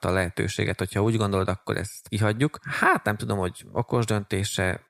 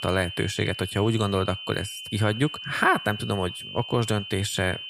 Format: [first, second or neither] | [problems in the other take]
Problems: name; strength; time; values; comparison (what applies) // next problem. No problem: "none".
first | high-pitched whine; loud; throughout; 3 kHz, 9 dB below the speech